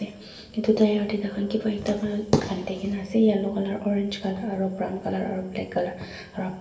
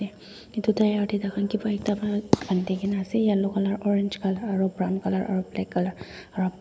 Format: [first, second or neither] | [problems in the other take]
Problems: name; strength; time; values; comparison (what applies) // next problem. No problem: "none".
second | room echo; dies away in 0.8 s